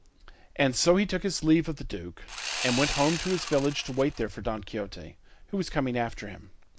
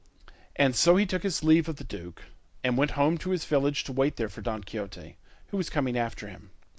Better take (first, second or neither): second